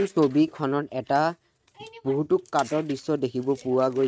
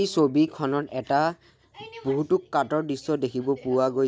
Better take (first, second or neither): second